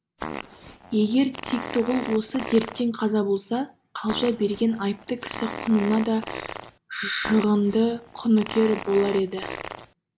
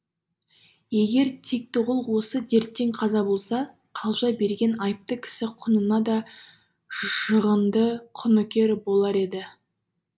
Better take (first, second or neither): second